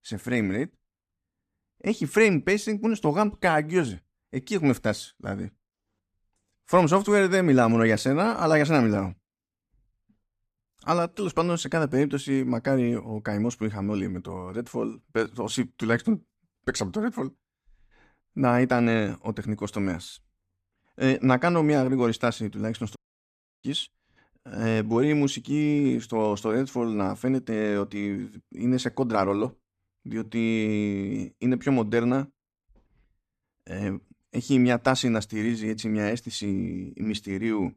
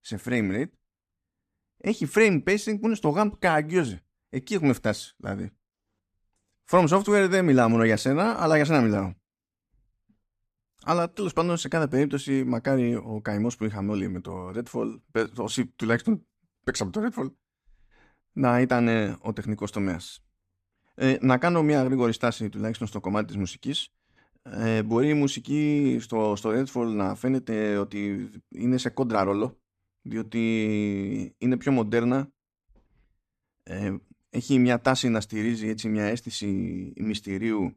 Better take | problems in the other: second | audio cutting out; at 23 s for 0.5 s

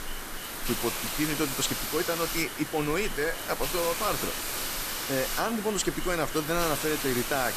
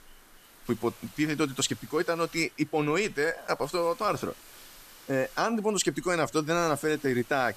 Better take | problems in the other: second | hiss; loud; throughout; 2 dB below the speech; faint in the second

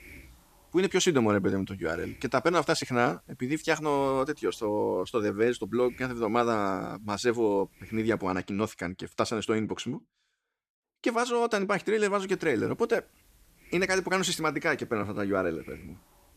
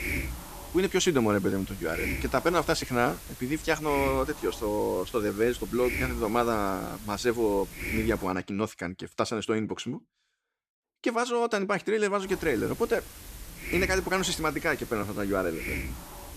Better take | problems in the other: first | hiss; loud; until 8.5 s and from 12 s on; 9 dB below the speech; faint in the first

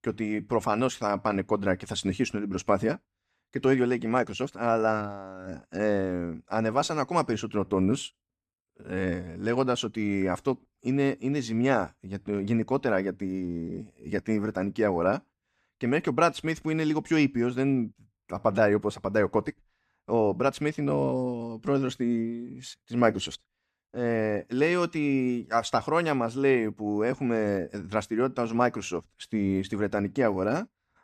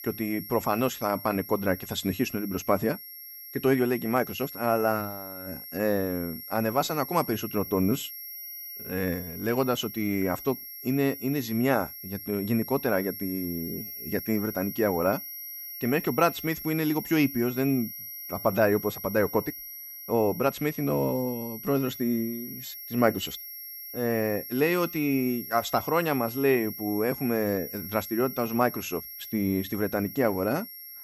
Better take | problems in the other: first | high-pitched whine; loud; throughout; 11.5 kHz, 10 dB below the speech

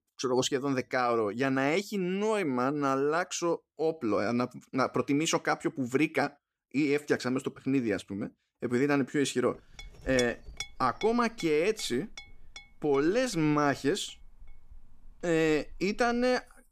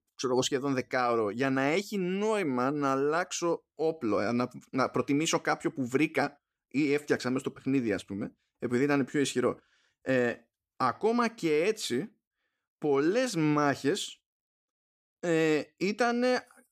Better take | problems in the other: second | clattering dishes; noticeable; from 10 s on; peak 7 dB below the speech

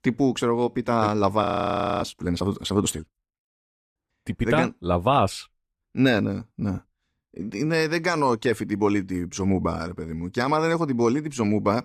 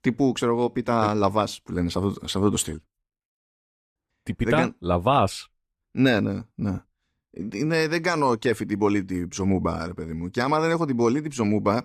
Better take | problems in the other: second | audio freezing; at 1.5 s for 0.5 s

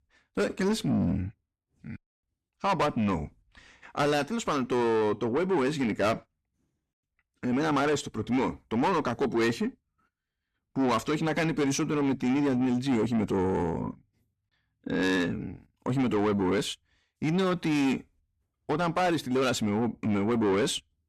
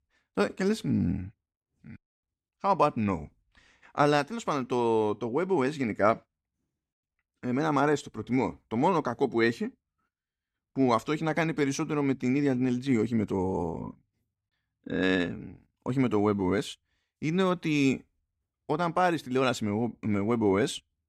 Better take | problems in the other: second | distortion; heavy; 7 dB below the speech

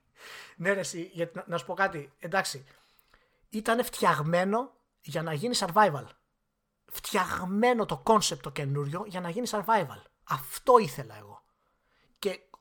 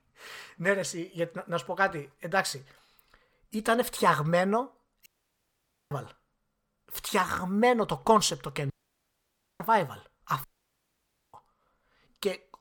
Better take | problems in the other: first | audio cutting out; at 5 s for 1 s, at 8.5 s for 1 s and at 10 s for 1 s

